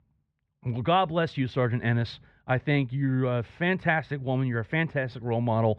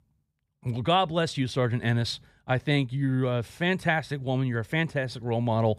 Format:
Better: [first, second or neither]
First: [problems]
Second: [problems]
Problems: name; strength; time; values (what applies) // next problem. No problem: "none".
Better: second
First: muffled; slightly; fading above 2 kHz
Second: none